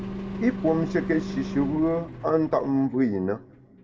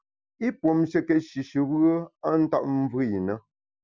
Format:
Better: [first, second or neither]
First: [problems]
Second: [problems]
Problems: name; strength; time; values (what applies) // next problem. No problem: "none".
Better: second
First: background sound (Engine); 10 dB below the speech // room echo; dies away in 1.1 s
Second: none